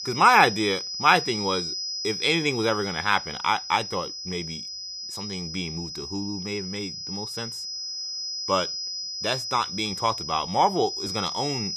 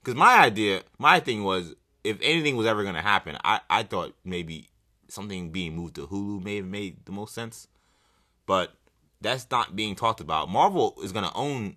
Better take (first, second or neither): second